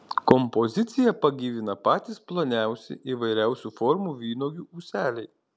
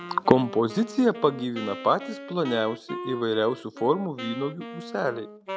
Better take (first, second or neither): first